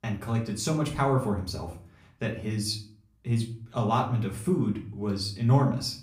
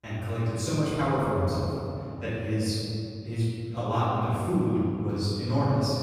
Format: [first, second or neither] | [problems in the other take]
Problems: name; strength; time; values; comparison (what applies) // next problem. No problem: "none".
first | room echo; strong; dies away in 2.7 s; slight in the first // off-mic speech; far; far in the first